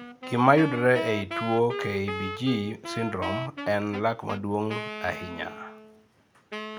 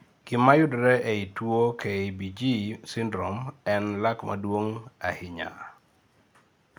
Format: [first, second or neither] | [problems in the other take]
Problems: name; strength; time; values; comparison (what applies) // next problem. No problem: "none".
second | background sound (Wind instrument, woodwind instrument); 9 dB below the speech